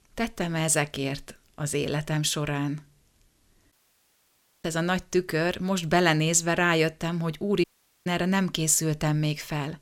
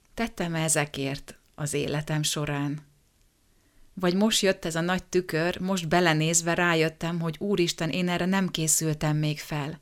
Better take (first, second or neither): second